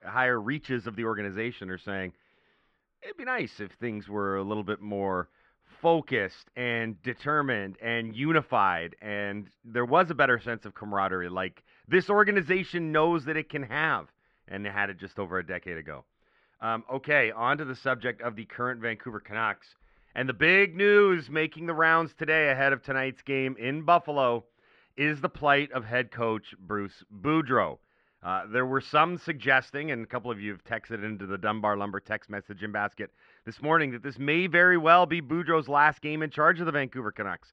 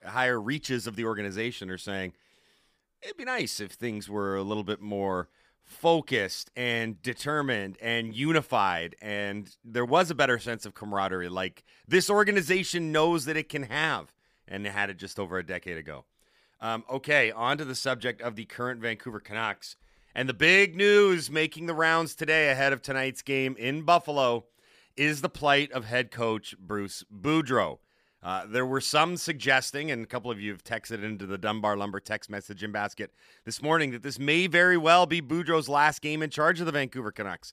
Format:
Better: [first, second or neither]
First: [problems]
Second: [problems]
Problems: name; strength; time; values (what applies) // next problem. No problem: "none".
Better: second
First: muffled; very; fading above 2.5 kHz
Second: none